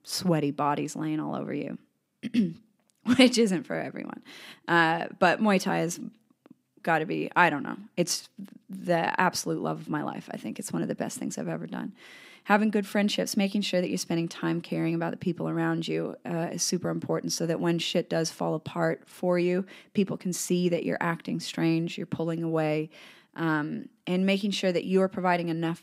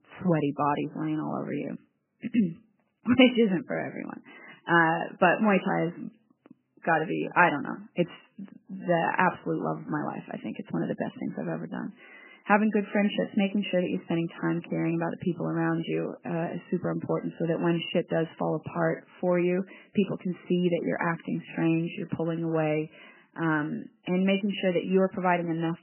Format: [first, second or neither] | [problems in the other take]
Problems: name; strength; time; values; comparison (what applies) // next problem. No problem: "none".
first | garbled, watery; badly; nothing above 3 kHz